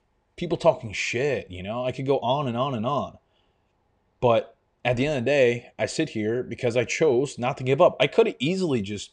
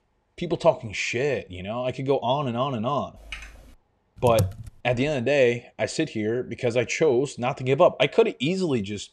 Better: first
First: none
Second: keyboard typing; faint; at 3 s; peak 15 dB below the speech // keyboard typing; noticeable; at 4.5 s; peak 4 dB below the speech

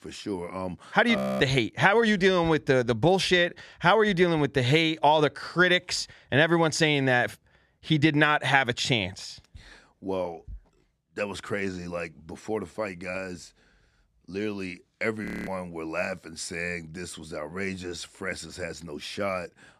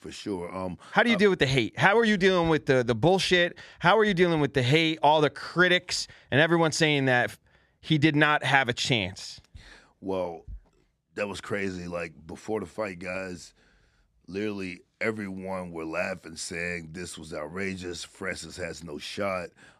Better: second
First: audio freezing; at 1 s and at 15 s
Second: none

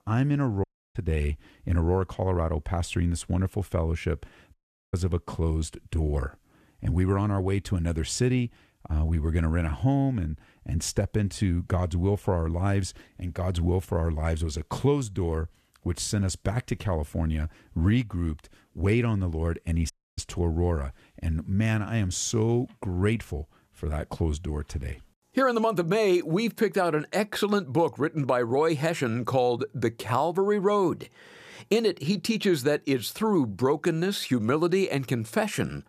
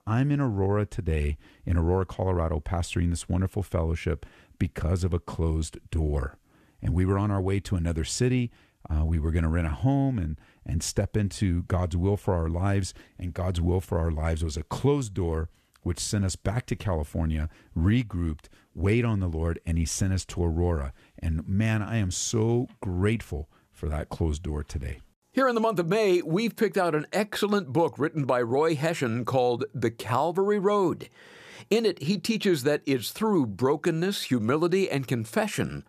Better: second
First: audio cutting out; at 0.5 s, at 4.5 s and at 20 s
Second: none

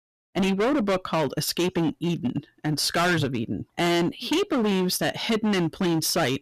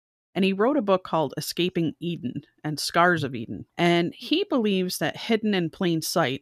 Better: second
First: distortion; heavy; 19% of the sound clipped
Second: none

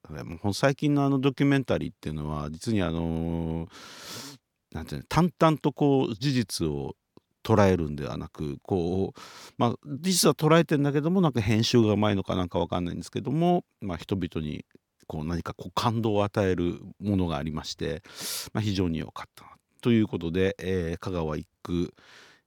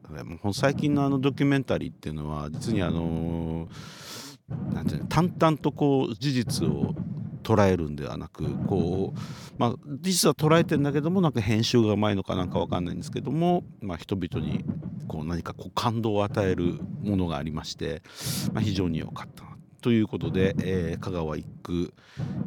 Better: first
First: none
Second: low rumble; noticeable; throughout; 15 dB below the speech

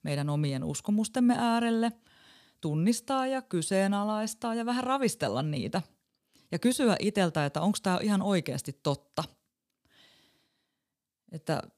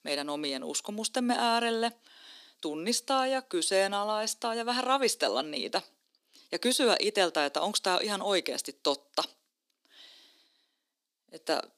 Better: first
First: none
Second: thin; somewhat; fading below 300 Hz

